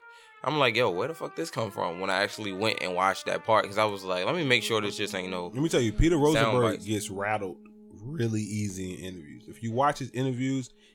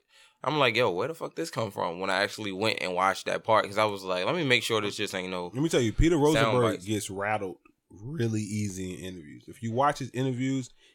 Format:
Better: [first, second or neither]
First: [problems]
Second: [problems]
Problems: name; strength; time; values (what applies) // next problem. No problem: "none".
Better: second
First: background music; faint; throughout; 20 dB below the speech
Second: none